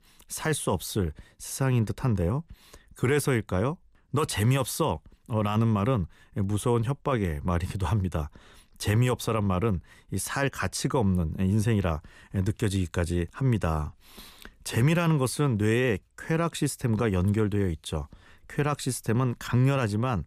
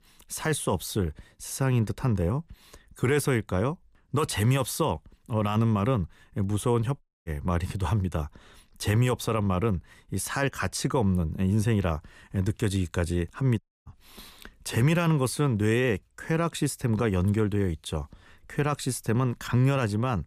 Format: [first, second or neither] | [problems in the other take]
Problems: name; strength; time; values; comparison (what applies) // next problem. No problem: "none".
first | audio cutting out; at 7 s and at 14 s